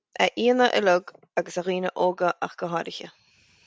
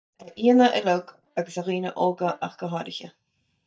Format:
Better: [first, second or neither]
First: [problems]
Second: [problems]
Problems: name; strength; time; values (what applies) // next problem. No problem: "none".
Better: first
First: none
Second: noise reduction (neural mask model DeepFilterNet 3)